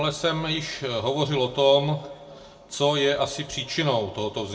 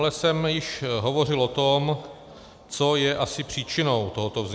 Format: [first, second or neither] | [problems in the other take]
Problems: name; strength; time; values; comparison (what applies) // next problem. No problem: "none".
second | room echo; dies away in 0.2 s